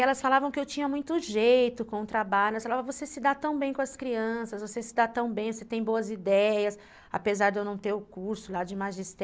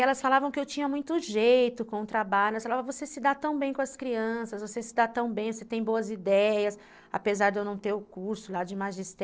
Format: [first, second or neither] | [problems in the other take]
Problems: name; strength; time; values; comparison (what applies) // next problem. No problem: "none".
first | noise reduction (neural separator model SepFormer DNS4)